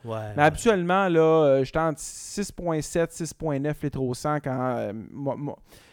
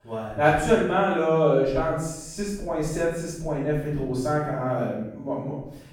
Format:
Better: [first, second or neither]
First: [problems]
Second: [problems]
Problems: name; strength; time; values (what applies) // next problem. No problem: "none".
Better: first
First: none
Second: off-mic speech; far // room echo; strong; dies away in 0.7 s